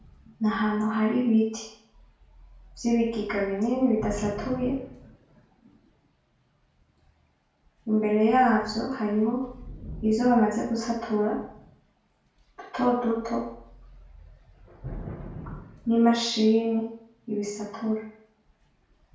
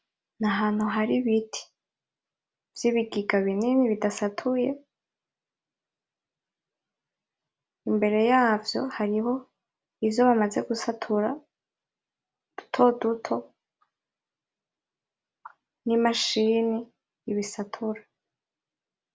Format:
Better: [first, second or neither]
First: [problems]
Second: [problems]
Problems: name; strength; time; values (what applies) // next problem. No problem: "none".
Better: second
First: background sound (Thunder / Rain); 18 dB below the speech // room echo; dies away in 0.5 s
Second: none